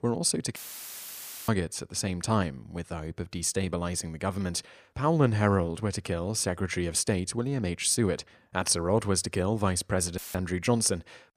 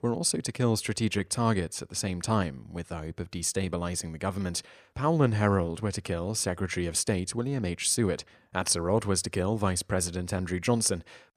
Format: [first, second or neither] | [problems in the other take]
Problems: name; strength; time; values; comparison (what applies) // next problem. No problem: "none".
second | audio cutting out; filled with static; at 0.5 s for 1 s and at 10 s